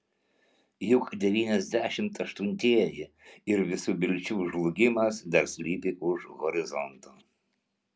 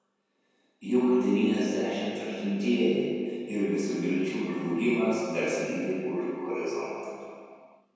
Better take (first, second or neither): first